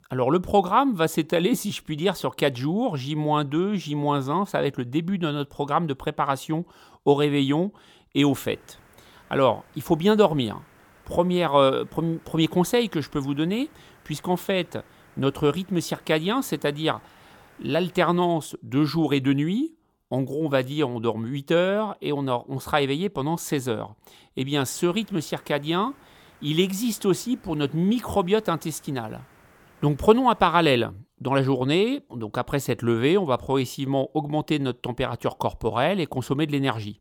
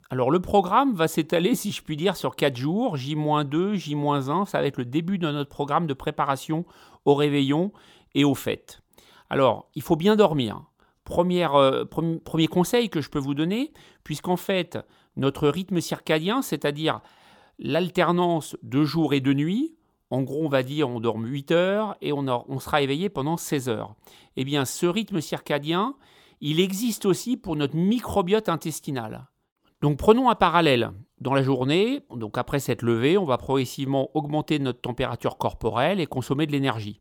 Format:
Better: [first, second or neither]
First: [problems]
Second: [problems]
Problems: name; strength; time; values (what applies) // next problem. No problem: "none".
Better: second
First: hiss; faint; from 8 to 18 s and from 25 to 31 s; 30 dB below the speech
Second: none